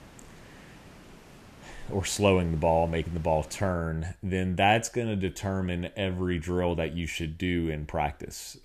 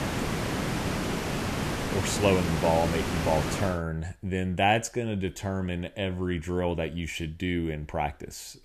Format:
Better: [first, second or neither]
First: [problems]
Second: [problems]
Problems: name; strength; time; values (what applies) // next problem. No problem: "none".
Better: first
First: hiss; faint; until 3.5 s; 25 dB below the speech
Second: hiss; loud; until 3.5 s; 1 dB below the speech